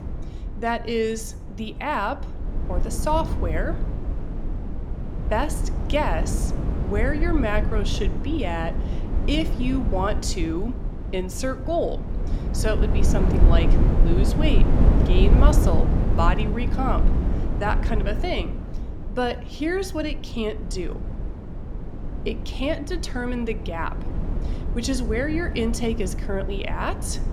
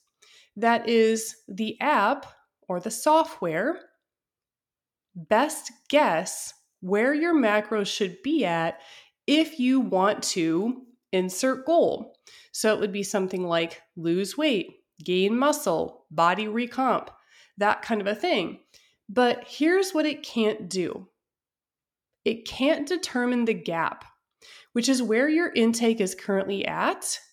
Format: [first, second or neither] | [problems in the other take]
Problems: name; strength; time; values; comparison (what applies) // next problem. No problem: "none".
second | wind noise on the microphone; heavy; 8 dB below the speech